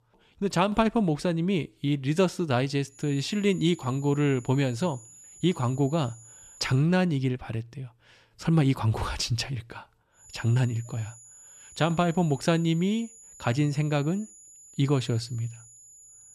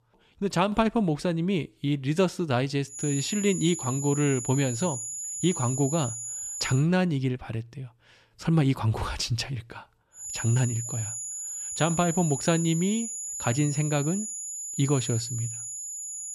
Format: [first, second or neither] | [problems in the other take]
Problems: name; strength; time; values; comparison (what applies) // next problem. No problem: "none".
first | high-pitched whine; loud; from 3 to 7 s and from 10 s on; 7 kHz, 5 dB below the speech; faint in the first